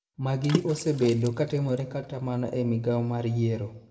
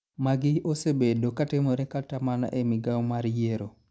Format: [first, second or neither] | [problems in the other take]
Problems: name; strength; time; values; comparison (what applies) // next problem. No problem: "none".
second | background sound (Water / Splash, splatter); 12 dB below the speech // room echo; dies away in 0.7 s